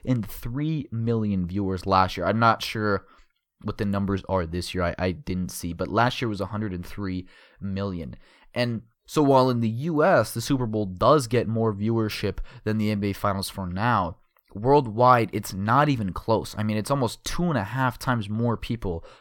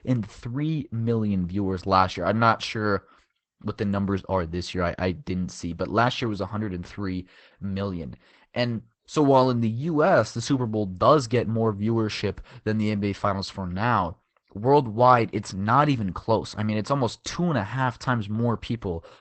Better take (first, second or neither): first